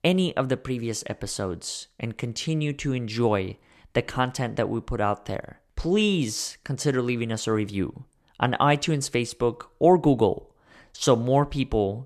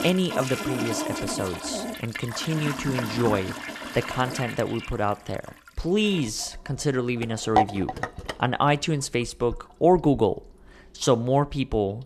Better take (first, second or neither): first